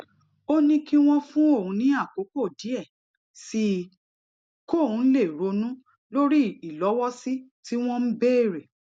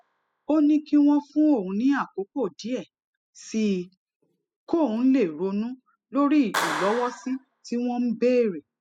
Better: first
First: none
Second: noise reduction (classical method spectral subtraction)

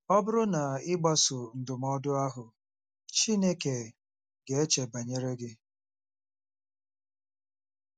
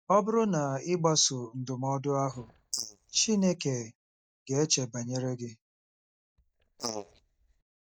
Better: first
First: none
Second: noise reduction (neural mask model DeepFilterNet 3)

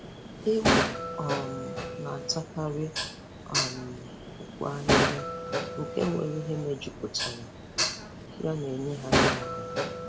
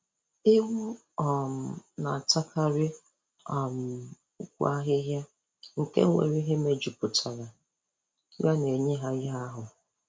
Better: second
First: background sound (Dishes, pots, and pans); 3 dB above the speech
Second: none

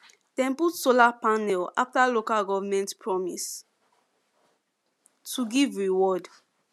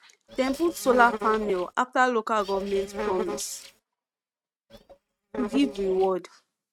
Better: first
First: none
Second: noise reduction (neural mask model RNNoise)

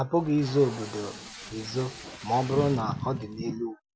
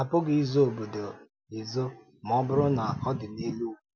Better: second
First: background sound (Packing tape, duct tape); 16 dB below the speech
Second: none

